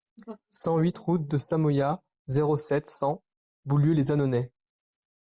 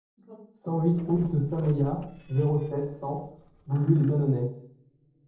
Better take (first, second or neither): first